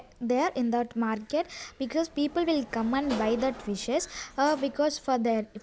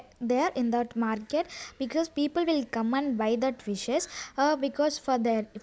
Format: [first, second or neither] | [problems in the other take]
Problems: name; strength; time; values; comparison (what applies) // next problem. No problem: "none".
second | background sound (Sliding door / Slam); 17 dB below the speech